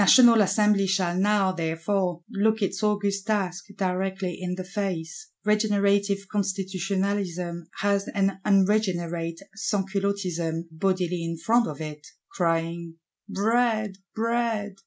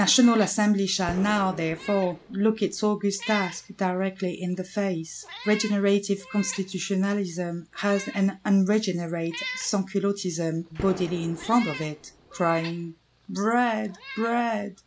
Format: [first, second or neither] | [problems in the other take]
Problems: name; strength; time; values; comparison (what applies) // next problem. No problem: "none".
first | background sound (Meow + Gunshot, gunfire); 16 dB below the speech